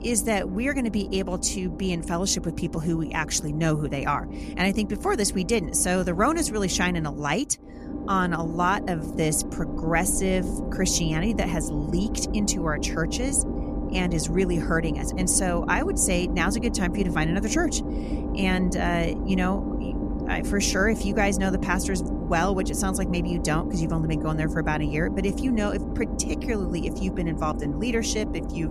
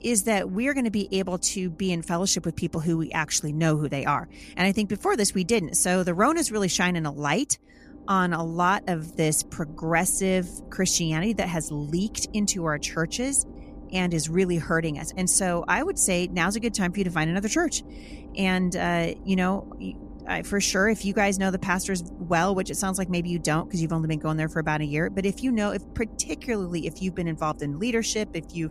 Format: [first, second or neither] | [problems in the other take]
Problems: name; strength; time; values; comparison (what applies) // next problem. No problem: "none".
second | low rumble; loud; throughout; 9 dB below the speech; faint in the second